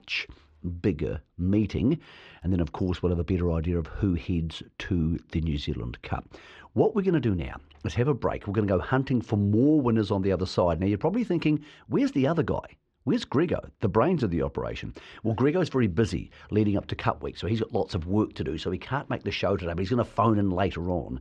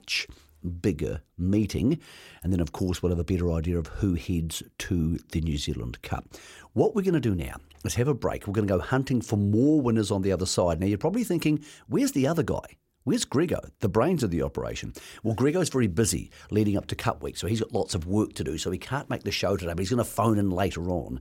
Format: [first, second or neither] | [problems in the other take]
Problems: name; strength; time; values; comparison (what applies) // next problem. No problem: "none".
second | muffled; slightly; fading above 4 kHz